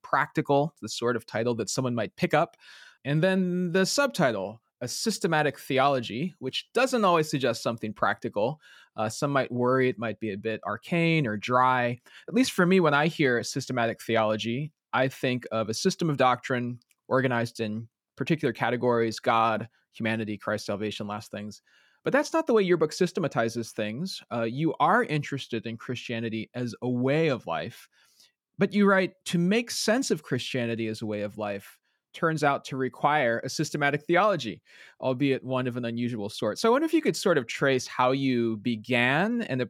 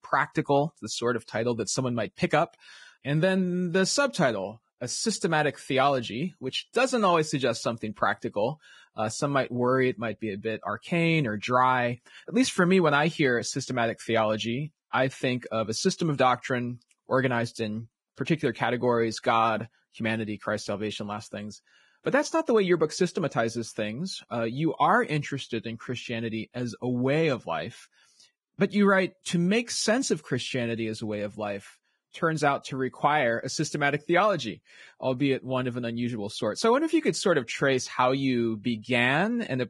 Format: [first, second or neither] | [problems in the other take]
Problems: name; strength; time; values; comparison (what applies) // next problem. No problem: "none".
first | garbled, watery; badly; nothing above 10.5 kHz